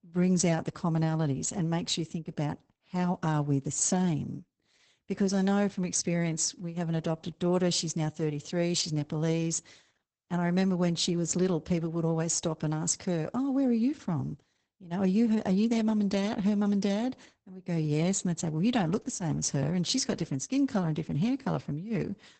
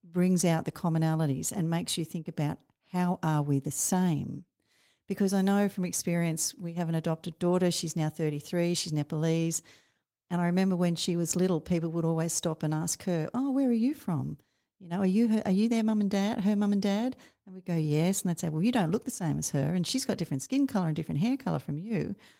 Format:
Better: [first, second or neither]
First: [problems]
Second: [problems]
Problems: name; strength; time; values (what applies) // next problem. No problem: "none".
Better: second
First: garbled, watery; badly; nothing above 8 kHz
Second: garbled, watery; slightly; nothing above 16 kHz